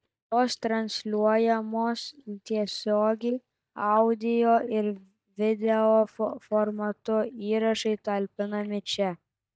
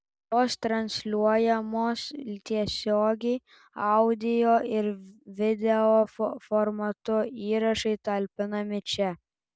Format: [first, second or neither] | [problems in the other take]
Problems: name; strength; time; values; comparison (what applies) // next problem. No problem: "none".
second | noise reduction (neural mask model DeepFilterNet 3)